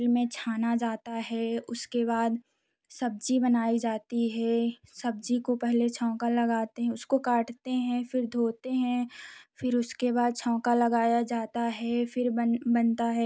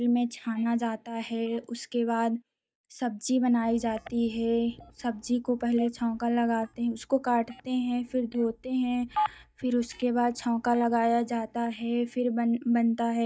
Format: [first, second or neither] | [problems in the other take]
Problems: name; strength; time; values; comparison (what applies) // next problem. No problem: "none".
first | noise reduction (neural mask model DeepFilterNet 3)